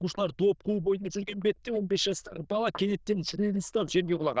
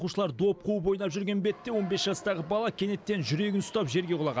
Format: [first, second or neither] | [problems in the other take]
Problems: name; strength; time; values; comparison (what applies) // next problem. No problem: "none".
second | noise reduction (neural diffusion model UNIVERSE++)